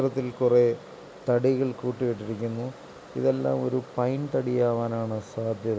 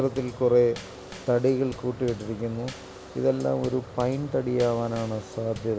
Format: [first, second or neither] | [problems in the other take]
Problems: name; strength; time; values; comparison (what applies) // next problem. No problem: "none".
first | background sound (Bass drum / Snare drum / Drum kit); 17 dB below the speech